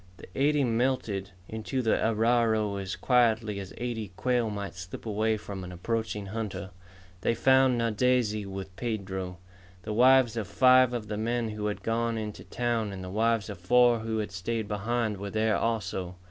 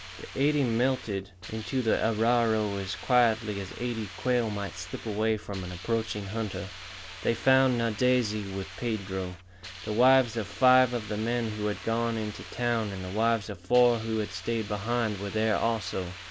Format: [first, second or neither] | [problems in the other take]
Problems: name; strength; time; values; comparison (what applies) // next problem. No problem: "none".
first | background sound (Hiss); 16 dB below the speech